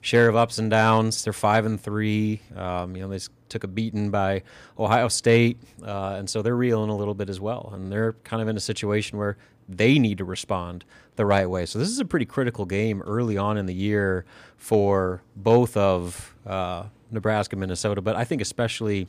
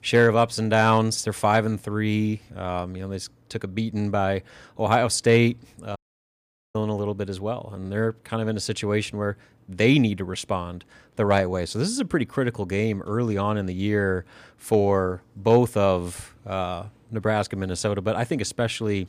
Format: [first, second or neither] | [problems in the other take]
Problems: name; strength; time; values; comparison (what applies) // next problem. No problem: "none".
first | audio cutting out; at 6 s for 1 s